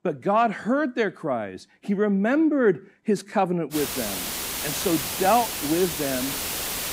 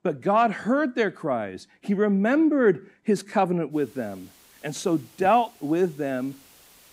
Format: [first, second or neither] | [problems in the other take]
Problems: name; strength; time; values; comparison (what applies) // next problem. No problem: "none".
second | hiss; loud; from 3.5 s on; 3 dB below the speech; faint in the second